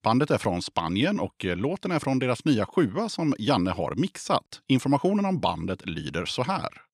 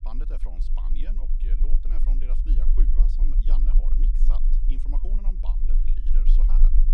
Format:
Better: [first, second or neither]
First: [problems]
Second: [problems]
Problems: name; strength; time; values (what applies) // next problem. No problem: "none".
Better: first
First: none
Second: low rumble; loud; throughout; 2 dB below the speech